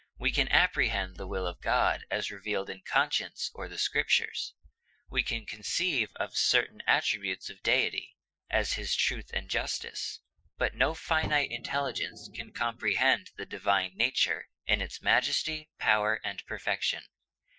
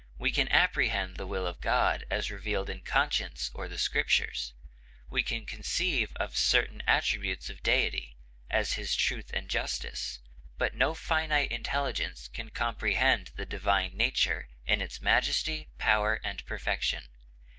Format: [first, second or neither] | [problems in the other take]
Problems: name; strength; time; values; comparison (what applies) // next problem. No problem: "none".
second | noise reduction (classical method Wiener filter)